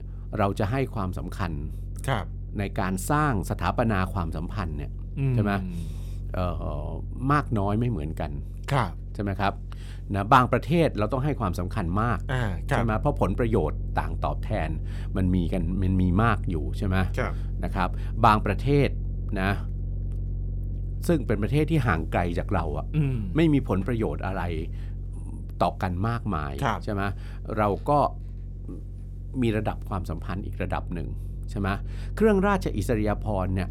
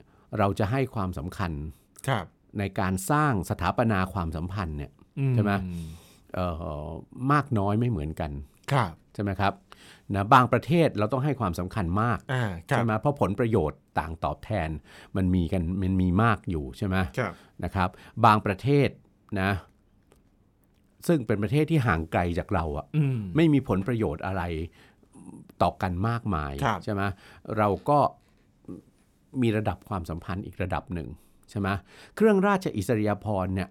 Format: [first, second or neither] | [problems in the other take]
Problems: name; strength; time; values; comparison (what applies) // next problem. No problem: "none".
second | low rumble; faint; throughout; 25 dB below the speech